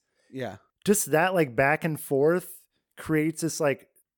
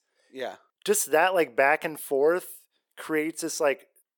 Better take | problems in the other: first | thin; somewhat; fading below 450 Hz

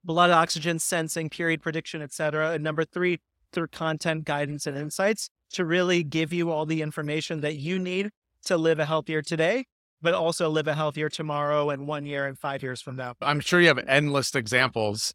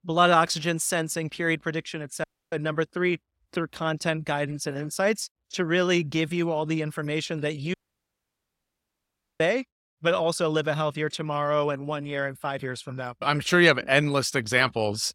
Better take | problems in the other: first | audio cutting out; at 2 s and at 7.5 s for 1.5 s

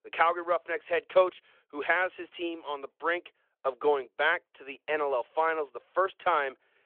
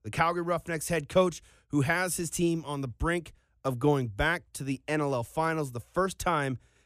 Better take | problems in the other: second | phone-call audio

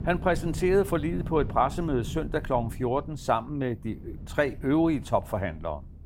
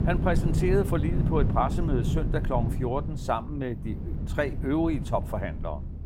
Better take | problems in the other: first | low rumble; loud; throughout; 10 dB below the speech; faint in the first

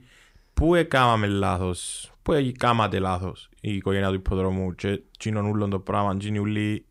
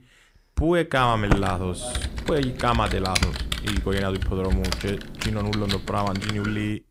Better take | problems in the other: first | keyboard typing; loud; from 1 s on; peak 1 dB above the speech

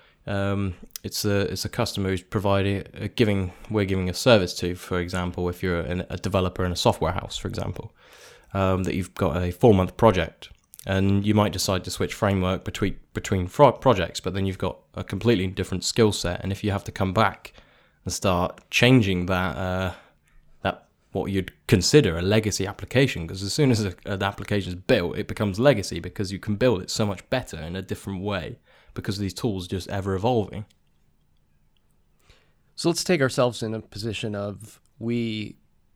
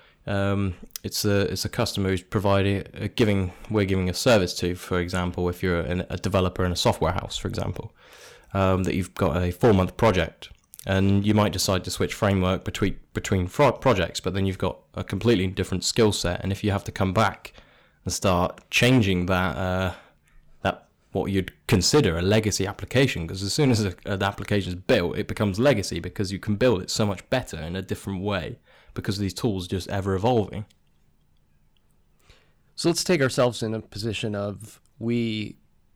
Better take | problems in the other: first | distortion; slight; 1.8% of the sound clipped

